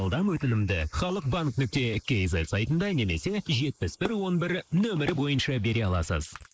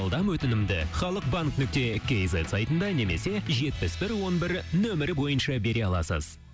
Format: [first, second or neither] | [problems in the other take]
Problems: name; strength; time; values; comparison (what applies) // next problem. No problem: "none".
second | noise reduction (neural mask model Resemble Enhance denoiser)